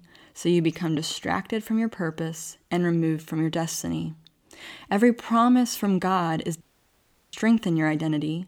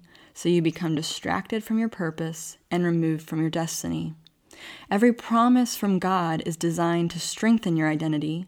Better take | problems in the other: second | audio cutting out; at 6.5 s for 0.5 s

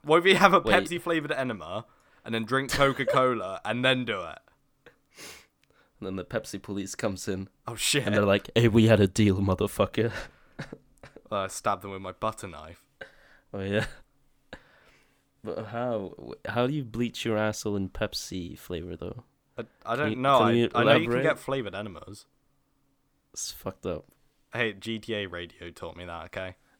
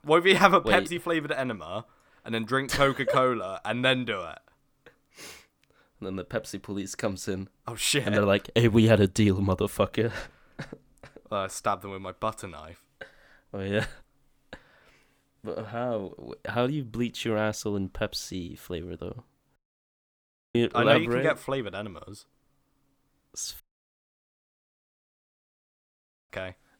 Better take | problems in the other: first | audio cutting out; at 20 s for 1 s and at 24 s for 2.5 s

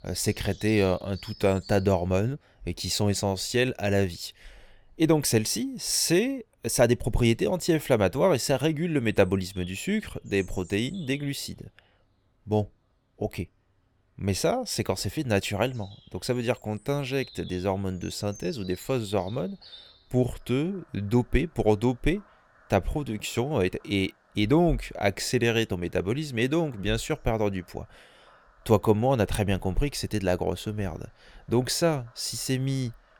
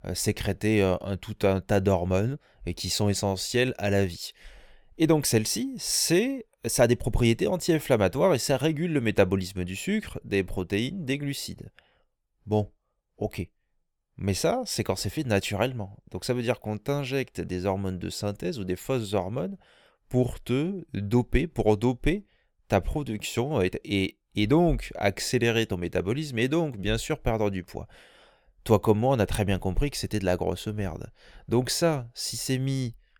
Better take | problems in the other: second | animal sounds; faint; throughout; 25 dB below the speech

